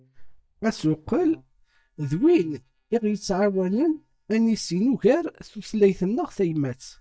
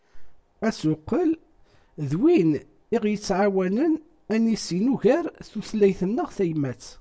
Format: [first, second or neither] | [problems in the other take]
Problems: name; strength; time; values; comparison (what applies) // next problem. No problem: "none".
second | noise reduction (neural mask model DeepFilterNet 3)